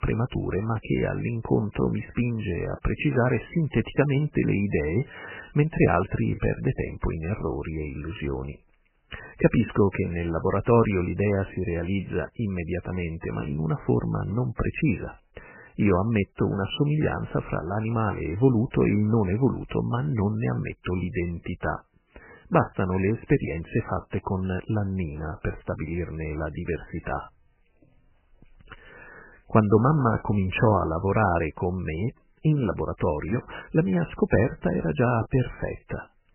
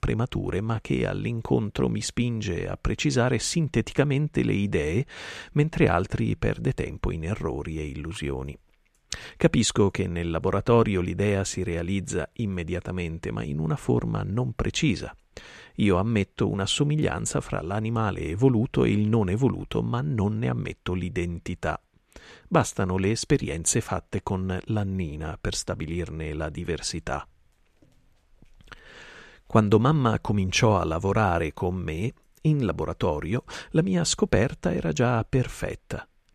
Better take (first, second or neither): second